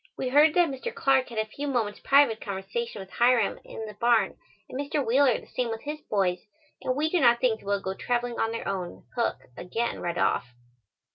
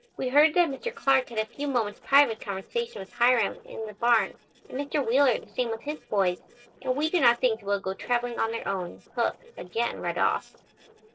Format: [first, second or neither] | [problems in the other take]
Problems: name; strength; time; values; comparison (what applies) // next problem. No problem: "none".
first | noise reduction (neural separator model SepFormer DNS4)